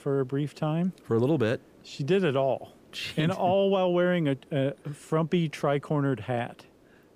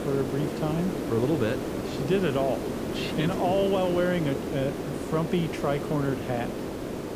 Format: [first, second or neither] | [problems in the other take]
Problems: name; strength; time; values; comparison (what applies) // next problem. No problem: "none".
first | hiss; loud; throughout; 3 dB below the speech; faint in the first